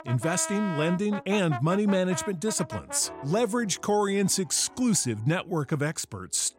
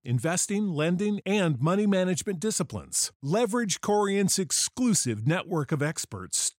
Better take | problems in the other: second | background music; noticeable; throughout; 10 dB below the speech

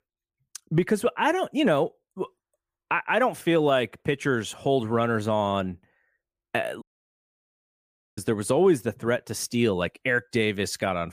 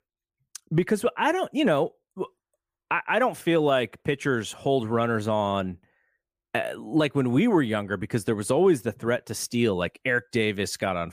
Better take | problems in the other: second | audio cutting out; at 7 s for 1.5 s

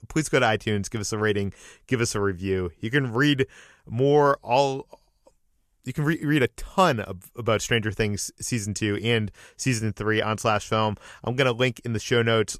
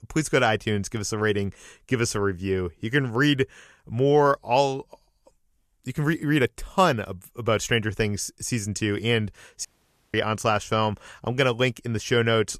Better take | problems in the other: first | audio cutting out; at 9.5 s

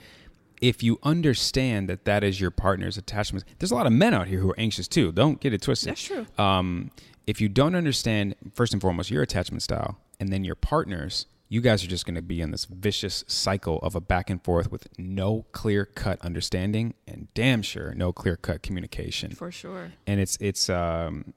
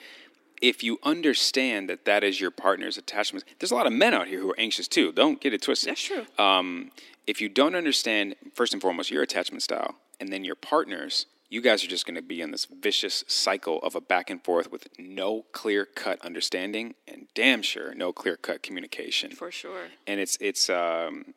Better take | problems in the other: first | thin; somewhat; fading below 250 Hz

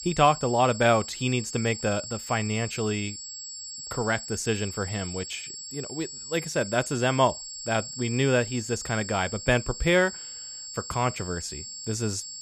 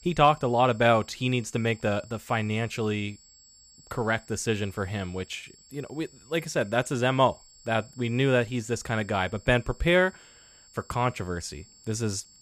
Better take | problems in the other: second | high-pitched whine; loud; throughout; 7.5 kHz, 9 dB below the speech; faint in the second

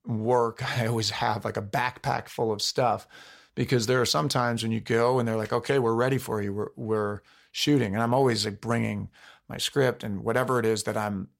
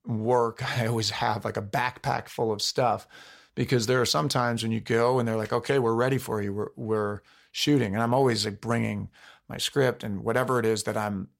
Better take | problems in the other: neither | none

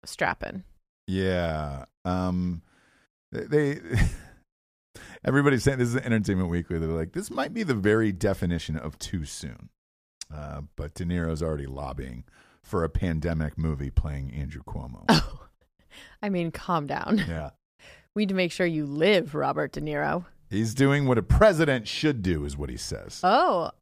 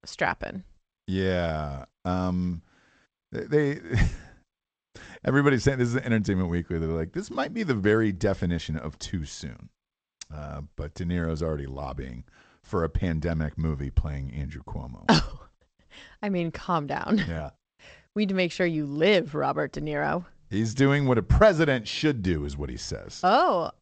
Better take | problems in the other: first | garbled, watery; slightly; nothing above 8 kHz

